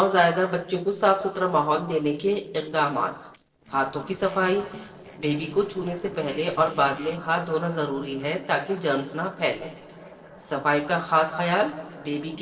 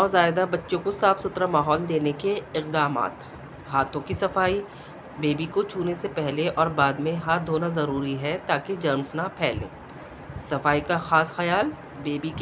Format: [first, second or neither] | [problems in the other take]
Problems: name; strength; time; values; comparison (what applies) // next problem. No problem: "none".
second | noise reduction (neural separator model SepFormer DNS4)